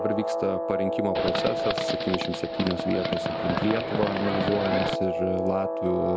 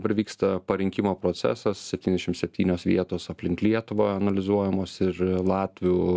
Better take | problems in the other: second | background sound (Livestock, farm animals, working animals + Guitar); 1 dB above the speech

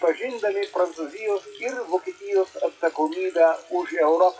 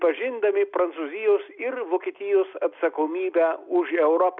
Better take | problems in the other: second | noise reduction (classical method WPE with log-MMSE)

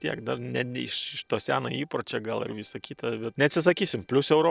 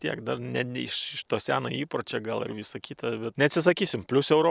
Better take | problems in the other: second | noise reduction (neural separator model SepFormer DNS4)

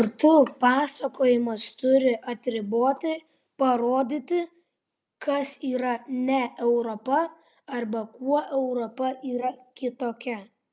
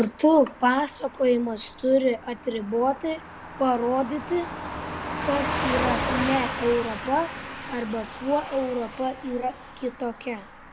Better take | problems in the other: first | background sound (Car passing by / Truck); 8 dB below the speech

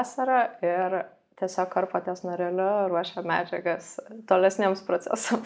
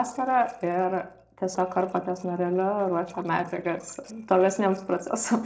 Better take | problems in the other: first | noise reduction (neural separator model SepFormer DNS4)

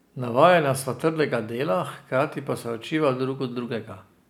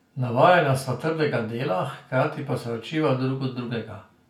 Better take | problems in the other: first | room echo; dies away in 0.3 s

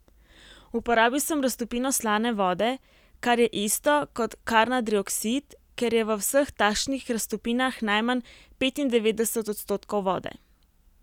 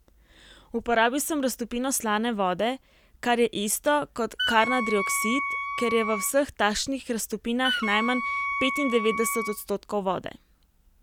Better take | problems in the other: first | background sound (Wind instrument, woodwind instrument); 3 dB below the speech

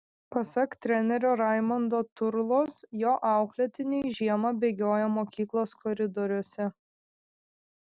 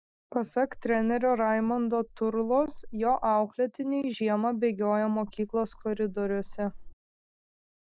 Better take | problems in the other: first | noise reduction (neural mask model Resemble Enhance denoiser)

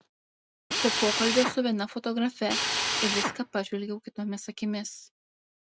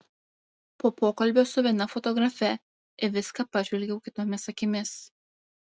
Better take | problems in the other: second | background sound (Drill); 1 dB above the speech

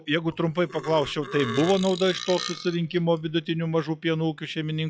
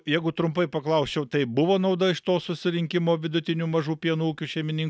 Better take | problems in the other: second | noise reduction (classical method log-MMSE)

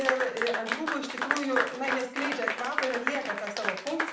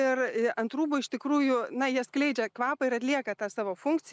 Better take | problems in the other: second | background sound (Applause / Clapping); as loud as the speech // room echo; dies away in 0.5 s

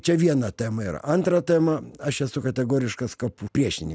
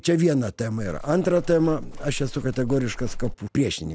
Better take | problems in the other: first | background sound (Livestock, farm animals, working animals); 9 dB below the speech

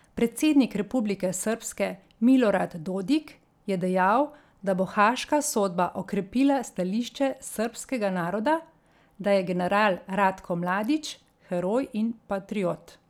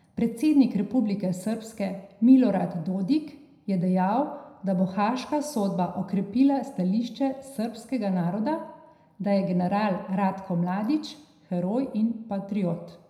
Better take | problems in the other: first | room echo; dies away in 0.7 s

